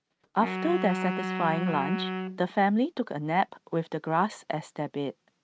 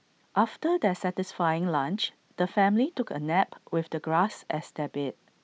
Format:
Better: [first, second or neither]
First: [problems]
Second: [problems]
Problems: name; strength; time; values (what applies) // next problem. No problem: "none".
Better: second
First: noise reduction (neural mask model RNNoise)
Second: none